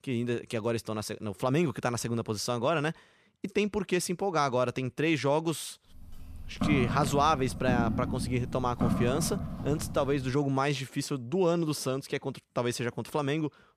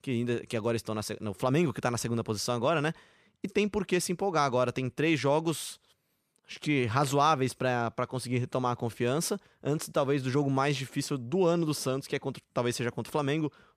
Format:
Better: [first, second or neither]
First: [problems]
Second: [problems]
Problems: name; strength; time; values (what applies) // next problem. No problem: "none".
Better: second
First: footsteps; loud; from 6 to 10 s; peak 1 dB above the speech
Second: none